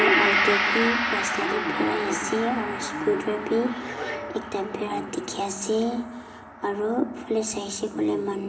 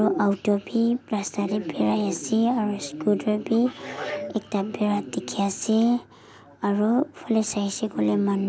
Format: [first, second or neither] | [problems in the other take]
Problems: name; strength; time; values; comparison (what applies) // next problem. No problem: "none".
second | background sound (Gong); 2 dB below the speech // room echo; dies away in 0.9 s